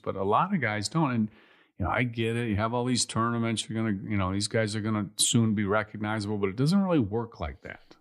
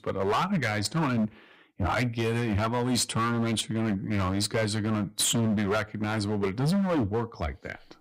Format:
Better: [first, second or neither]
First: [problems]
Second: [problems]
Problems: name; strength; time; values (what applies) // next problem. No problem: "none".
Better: first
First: none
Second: distortion; heavy; 18% of the sound clipped